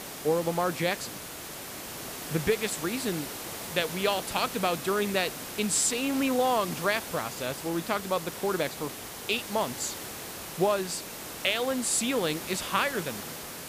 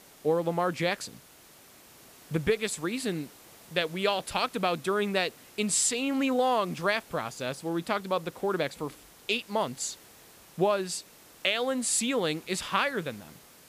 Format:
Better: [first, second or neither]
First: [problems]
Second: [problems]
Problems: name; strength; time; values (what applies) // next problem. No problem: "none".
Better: second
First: hiss; loud; throughout; 8 dB below the speech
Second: hiss; faint; throughout; 20 dB below the speech